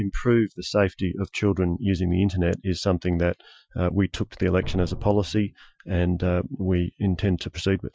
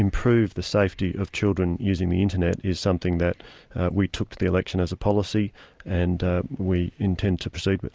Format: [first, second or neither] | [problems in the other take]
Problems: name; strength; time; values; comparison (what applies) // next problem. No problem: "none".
second | noise reduction (classical method Wiener filter)